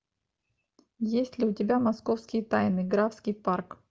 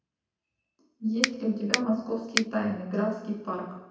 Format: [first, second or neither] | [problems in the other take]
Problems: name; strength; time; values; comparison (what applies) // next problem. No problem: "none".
first | background sound (Finger snapping); 1 dB above the speech // room echo; dies away in 0.9 s